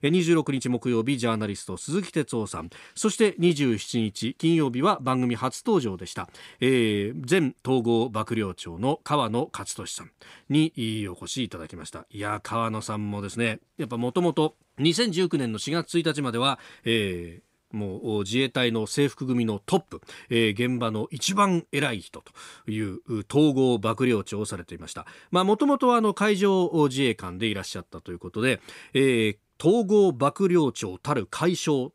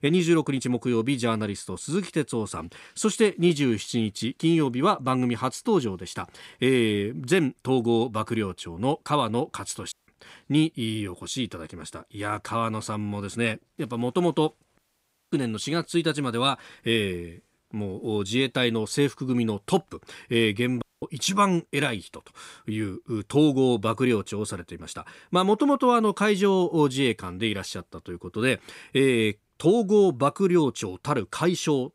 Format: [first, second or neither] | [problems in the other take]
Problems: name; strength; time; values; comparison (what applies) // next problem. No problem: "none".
first | audio cutting out; at 10 s, at 15 s for 0.5 s and at 21 s